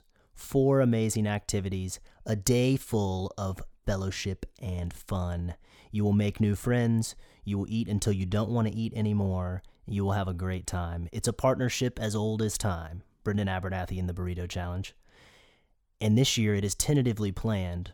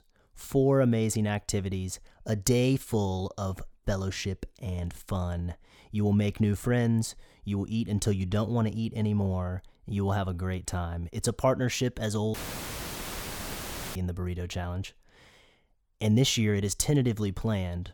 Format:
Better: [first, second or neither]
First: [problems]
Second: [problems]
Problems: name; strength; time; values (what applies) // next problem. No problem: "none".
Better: first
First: none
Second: audio cutting out; filled with static; at 12 s for 1.5 s